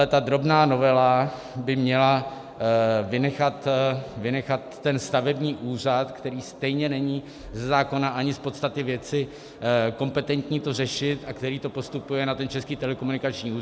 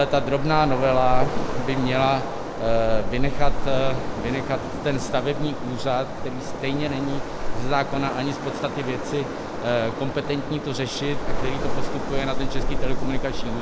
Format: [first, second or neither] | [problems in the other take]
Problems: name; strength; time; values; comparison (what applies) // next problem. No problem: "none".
first | background sound (Waves, surf); 2 dB above the speech